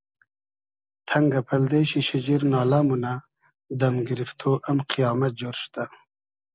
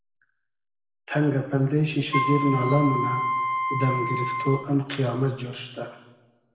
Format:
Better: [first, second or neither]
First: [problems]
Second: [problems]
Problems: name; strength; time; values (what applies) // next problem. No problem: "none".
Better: first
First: none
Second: background sound (Wind instrument, woodwind instrument); 2 dB below the speech // room echo; dies away in 1.1 s